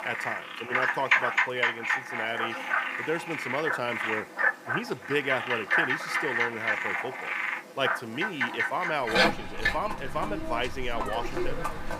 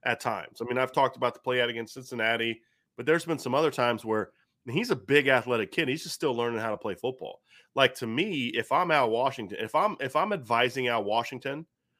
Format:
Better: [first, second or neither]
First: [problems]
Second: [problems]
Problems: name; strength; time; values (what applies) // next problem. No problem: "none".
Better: second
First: animal sounds; very loud; throughout; 4 dB above the speech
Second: none